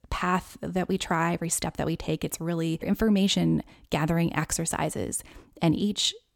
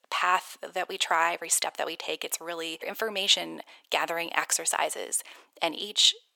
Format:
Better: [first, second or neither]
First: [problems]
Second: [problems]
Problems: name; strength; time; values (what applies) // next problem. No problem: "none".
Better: first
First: none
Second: thin; very; fading below 550 Hz